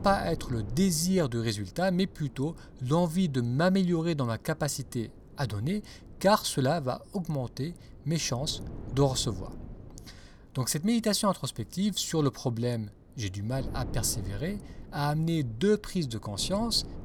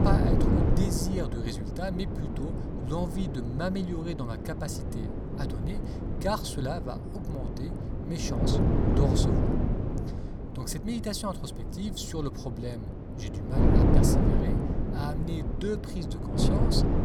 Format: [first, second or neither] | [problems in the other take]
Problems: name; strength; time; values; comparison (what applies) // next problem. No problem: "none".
first | wind noise on the microphone; heavy; 1 dB above the speech; occasional gusts in the first